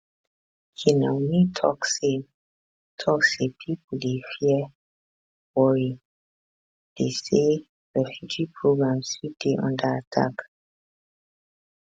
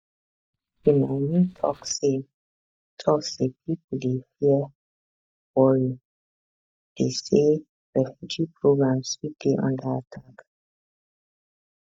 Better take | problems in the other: first | noise reduction (neural mask model DeepFilterNet 3)

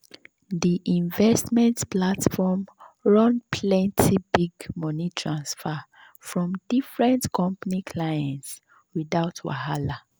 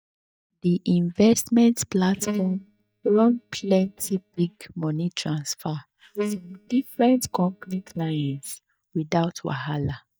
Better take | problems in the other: first | noise reduction (neural mask model DeepFilterNet 3)

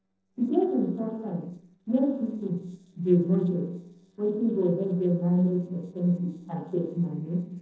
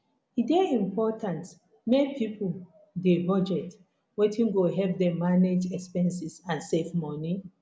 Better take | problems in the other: second | noise reduction (neural separator model SepFormer DNS4)

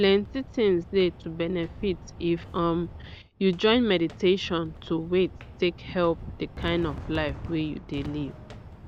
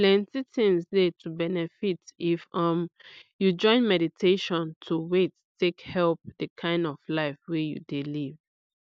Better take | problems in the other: second | background sound (Fireworks + Walk, footsteps); 14 dB below the speech

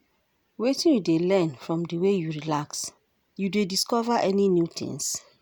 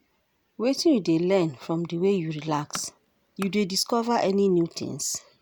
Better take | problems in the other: first | background sound (Tools); 20 dB below the speech

